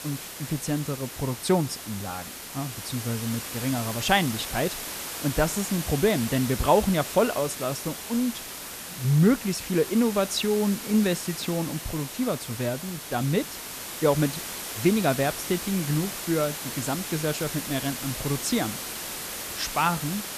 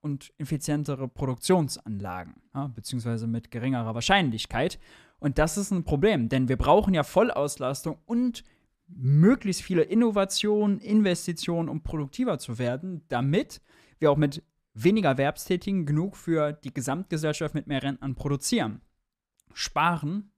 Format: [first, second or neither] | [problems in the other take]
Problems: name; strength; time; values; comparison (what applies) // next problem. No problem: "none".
second | hiss; loud; throughout; 7 dB below the speech